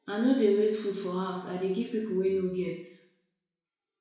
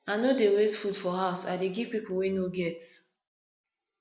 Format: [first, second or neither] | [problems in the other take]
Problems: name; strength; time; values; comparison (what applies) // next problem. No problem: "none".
second | room echo; dies away in 0.6 s